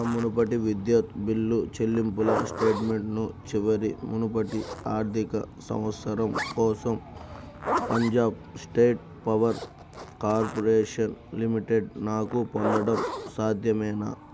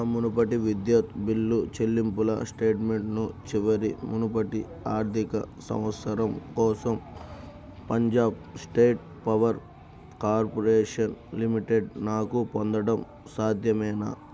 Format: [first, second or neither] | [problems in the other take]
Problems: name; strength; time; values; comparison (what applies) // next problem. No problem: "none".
second | background sound (Zipper (clothing)); 10 dB below the speech